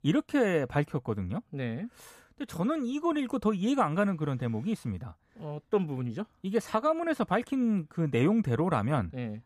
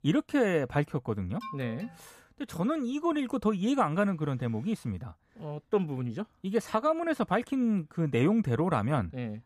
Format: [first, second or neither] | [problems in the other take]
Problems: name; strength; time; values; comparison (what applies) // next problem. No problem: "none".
first | alarm; faint; at 1.5 s; peak 15 dB below the speech